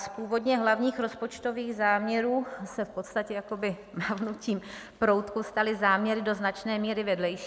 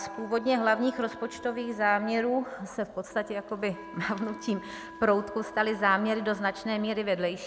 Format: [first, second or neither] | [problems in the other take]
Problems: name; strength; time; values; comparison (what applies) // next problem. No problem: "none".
first | background sound (Wind instrument, woodwind instrument); 17 dB below the speech